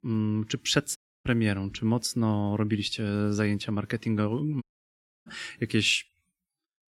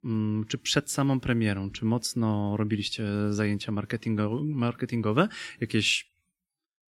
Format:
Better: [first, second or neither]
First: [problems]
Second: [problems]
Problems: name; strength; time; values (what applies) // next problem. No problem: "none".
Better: second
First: audio cutting out; at 1 s and at 4.5 s for 0.5 s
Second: none